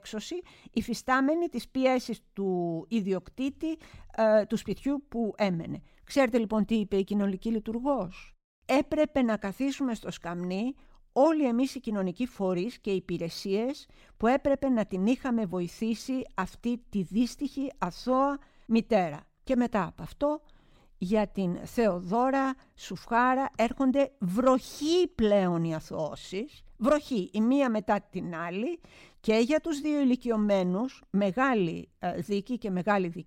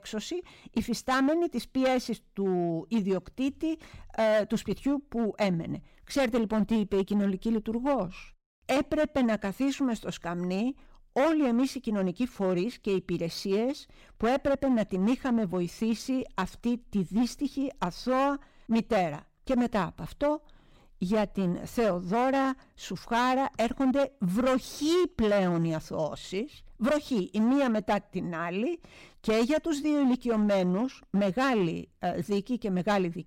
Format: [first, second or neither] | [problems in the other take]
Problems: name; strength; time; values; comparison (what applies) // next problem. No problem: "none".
first | distortion; slight; 8% of the sound clipped